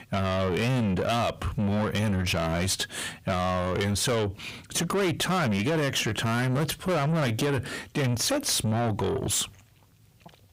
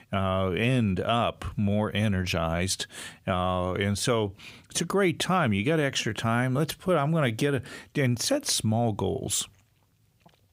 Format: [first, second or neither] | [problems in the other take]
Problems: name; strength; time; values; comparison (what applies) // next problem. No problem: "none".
second | distortion; heavy; 7 dB below the speech